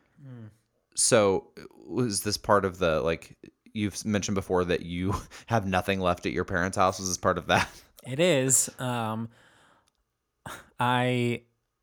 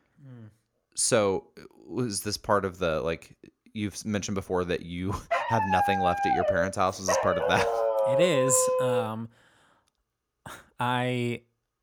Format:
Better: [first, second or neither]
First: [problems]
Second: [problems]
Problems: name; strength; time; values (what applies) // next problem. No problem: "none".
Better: first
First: none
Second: dog barking; loud; from 5.5 to 9 s; peak 4 dB above the speech